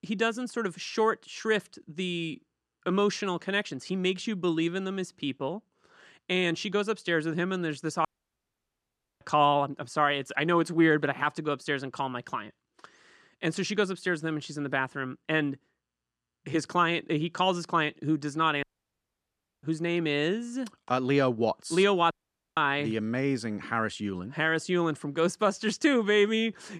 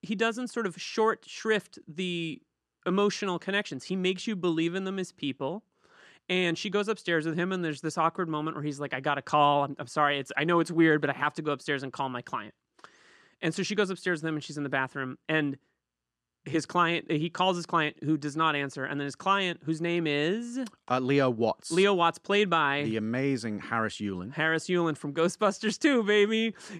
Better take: second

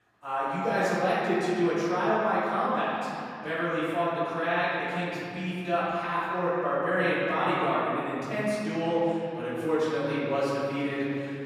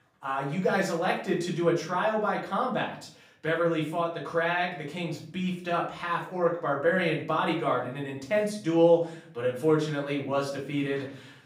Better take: second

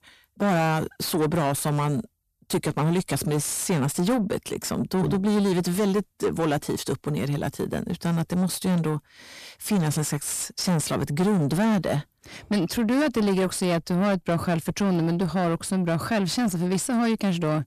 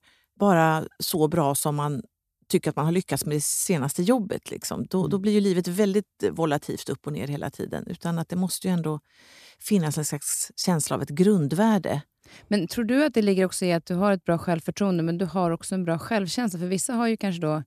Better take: second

